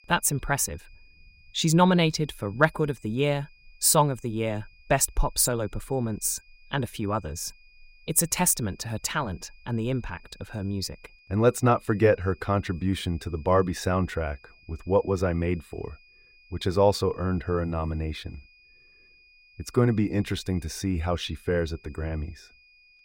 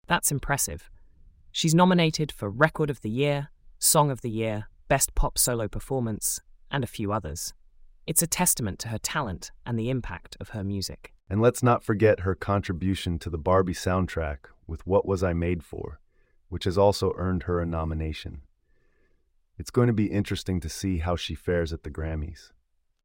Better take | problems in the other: second | high-pitched whine; faint; throughout; 2.5 kHz, 30 dB below the speech

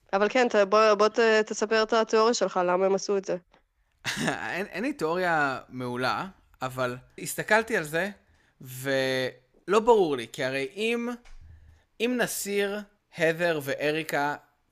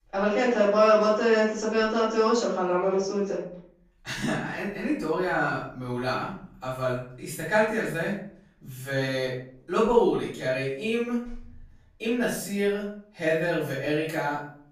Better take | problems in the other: first | off-mic speech; far // room echo; noticeable; dies away in 0.6 s

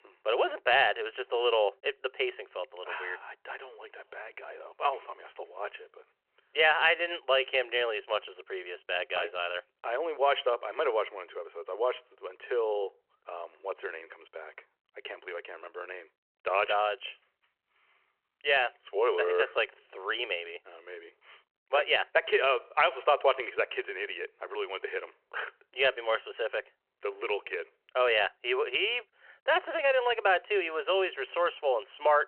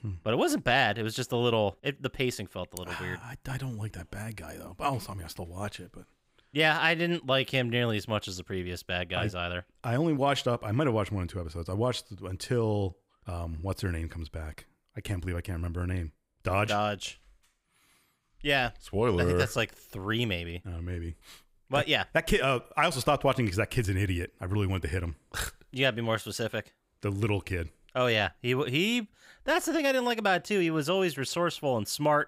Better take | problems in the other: second | phone-call audio

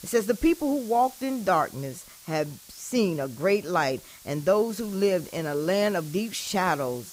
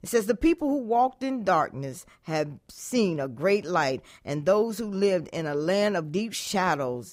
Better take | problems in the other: second | hiss; noticeable; throughout; 20 dB below the speech

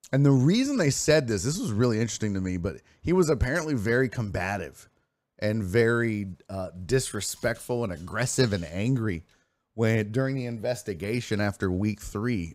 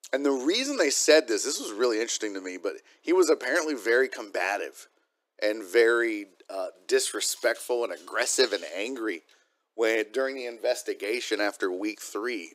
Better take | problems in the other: first | thin; very; fading below 300 Hz

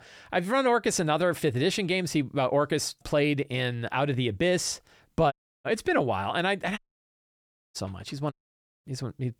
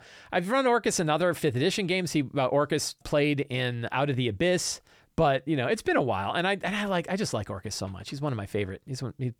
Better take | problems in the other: second | audio cutting out; at 5.5 s, at 7 s for 1 s and at 8.5 s for 0.5 s

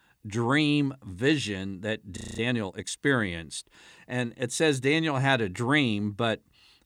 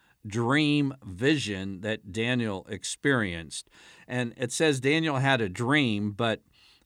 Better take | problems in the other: second | audio freezing; at 2 s

